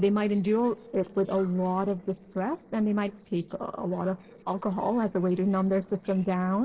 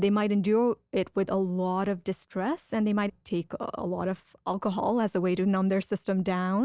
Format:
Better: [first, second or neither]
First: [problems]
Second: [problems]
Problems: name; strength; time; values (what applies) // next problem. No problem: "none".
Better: second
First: noise reduction (neural separator model SepFormer DNS4)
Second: none